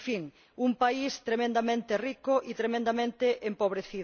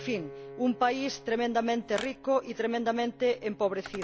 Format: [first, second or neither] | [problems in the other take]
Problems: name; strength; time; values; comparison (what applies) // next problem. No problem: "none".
first | background sound (Piano + Telephone); 16 dB below the speech